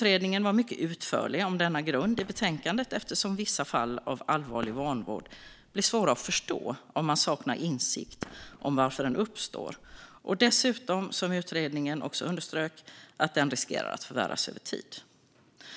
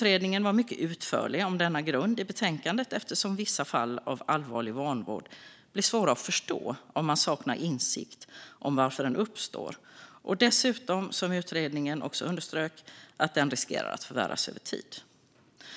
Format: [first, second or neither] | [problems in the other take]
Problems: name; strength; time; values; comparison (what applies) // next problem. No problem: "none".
second | background sound (Fireworks); 18 dB below the speech